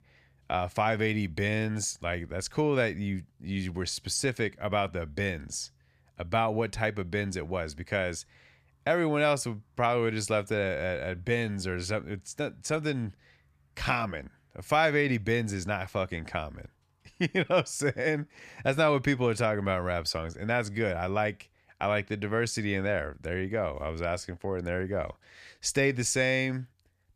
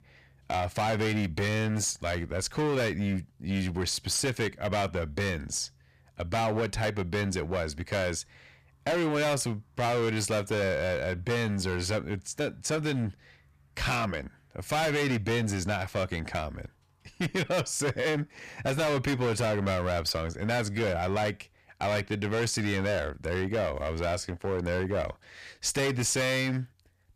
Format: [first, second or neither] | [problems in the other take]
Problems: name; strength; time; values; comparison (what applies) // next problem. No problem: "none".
first | distortion; heavy; 17% of the sound clipped